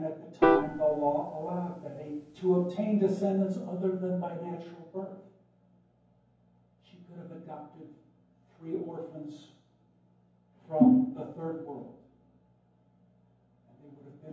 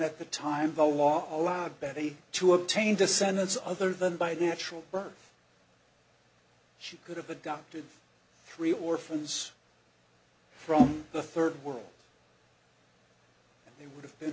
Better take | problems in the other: second | background sound (Piano); 2 dB above the speech // room echo; dies away in 0.9 s

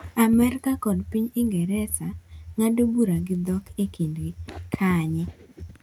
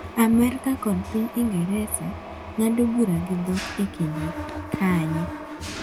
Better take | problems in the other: first | background sound (Mechanisms); 11 dB below the speech

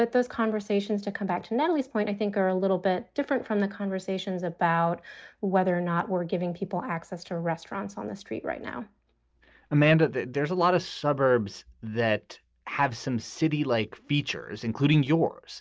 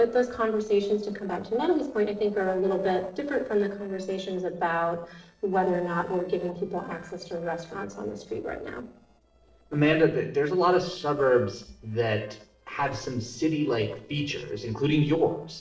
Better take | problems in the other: first | noise reduction (neural separator model SepFormer DNS4)

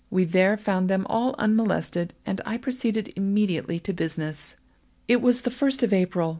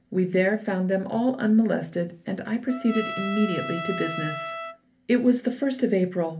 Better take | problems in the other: first | background sound (Trumpet); 10 dB below the speech // room echo; dies away in 0.3 s

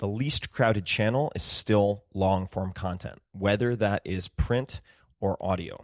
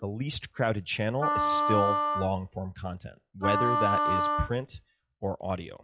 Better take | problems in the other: first | noise reduction (classical method log-MMSE)

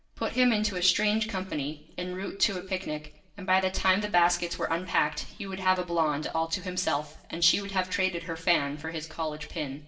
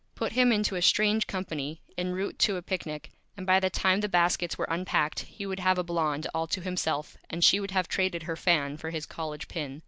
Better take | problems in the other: second | room echo; dies away in 0.6 s

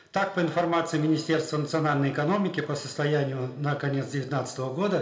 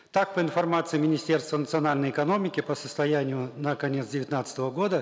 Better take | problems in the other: second | room echo; dies away in 0.8 s

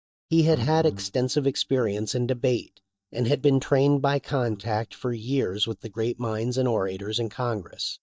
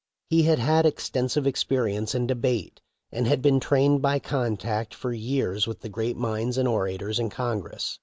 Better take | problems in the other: second | noise reduction (neural mask model DeepFilterNet 3)

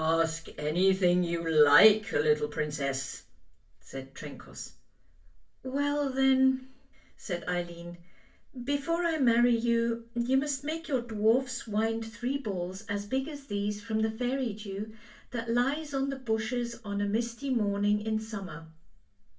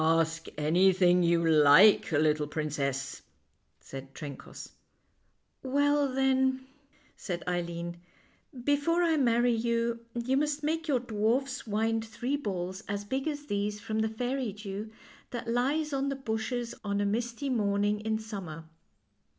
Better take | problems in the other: second | room echo; dies away in 0.2 s

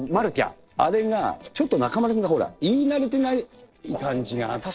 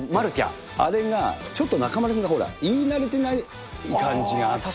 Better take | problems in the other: second | noise reduction (neural separator model SepFormer DNS4)

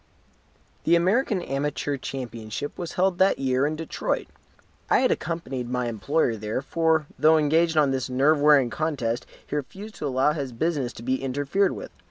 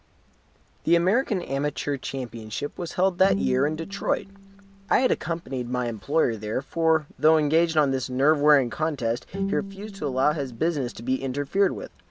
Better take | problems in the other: first | background sound (Bowed string instrument); 10 dB below the speech

